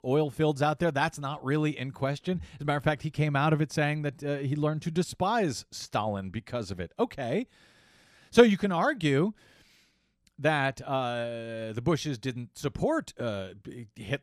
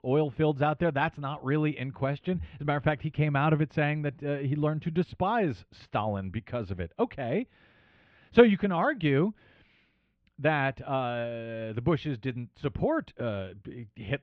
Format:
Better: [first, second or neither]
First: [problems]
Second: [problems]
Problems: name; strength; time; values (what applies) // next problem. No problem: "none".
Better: first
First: none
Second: muffled; very; fading above 3 kHz